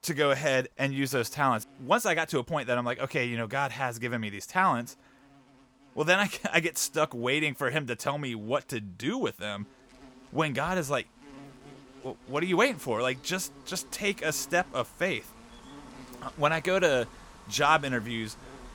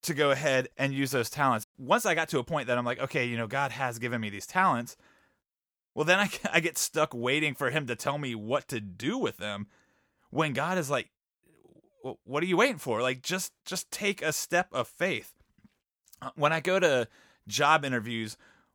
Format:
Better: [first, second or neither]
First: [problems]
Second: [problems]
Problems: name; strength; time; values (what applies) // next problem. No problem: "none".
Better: second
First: animal sounds; faint; throughout; 25 dB below the speech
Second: none